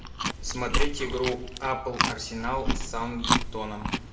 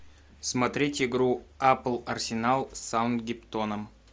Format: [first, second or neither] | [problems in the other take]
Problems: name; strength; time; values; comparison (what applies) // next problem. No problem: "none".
second | background sound (Chewing, mastication); 4 dB above the speech // room echo; dies away in 0.8 s